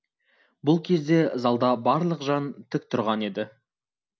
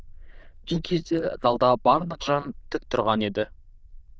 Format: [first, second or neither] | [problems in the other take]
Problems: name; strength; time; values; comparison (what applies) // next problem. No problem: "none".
first | noise reduction (neural diffusion model UNIVERSE++)